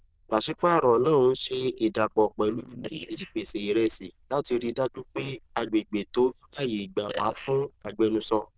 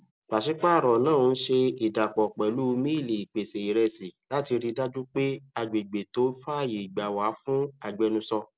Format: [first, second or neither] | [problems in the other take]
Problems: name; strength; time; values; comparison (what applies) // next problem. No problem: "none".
second | noise reduction (neural diffusion model UNIVERSE++)